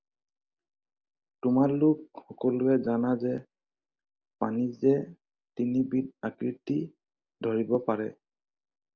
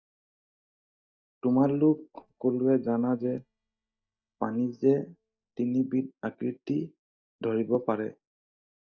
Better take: first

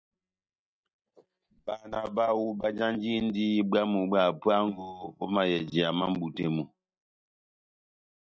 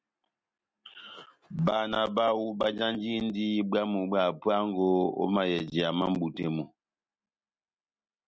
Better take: second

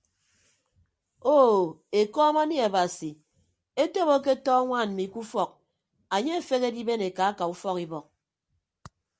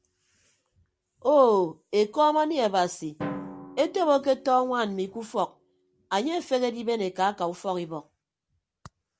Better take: first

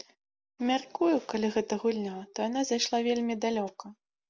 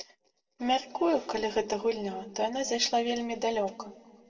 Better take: first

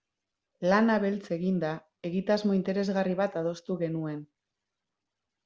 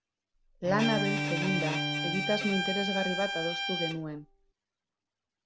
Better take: first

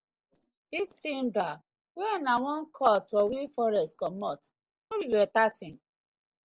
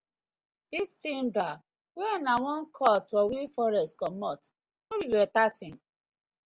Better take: second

